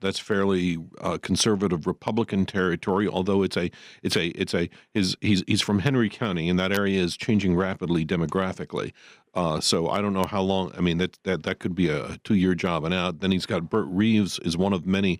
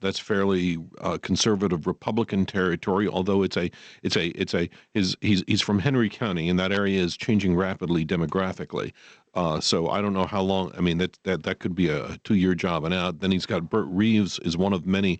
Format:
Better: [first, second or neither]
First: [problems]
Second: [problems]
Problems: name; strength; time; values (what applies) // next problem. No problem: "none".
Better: first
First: none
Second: garbled, watery; slightly; nothing above 7.5 kHz